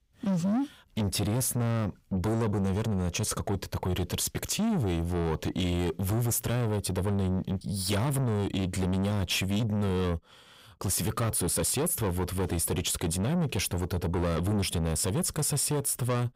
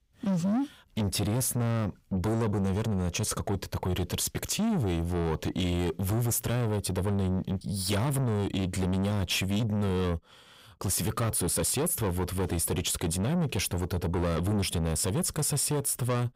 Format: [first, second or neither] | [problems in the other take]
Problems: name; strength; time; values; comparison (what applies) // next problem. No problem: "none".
neither | distortion; heavy; 8 dB below the speech; the same in both